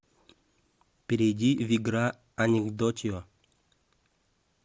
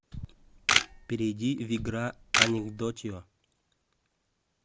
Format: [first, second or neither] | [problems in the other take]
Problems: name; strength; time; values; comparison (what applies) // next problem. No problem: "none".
first | background sound (Camera); 4 dB above the speech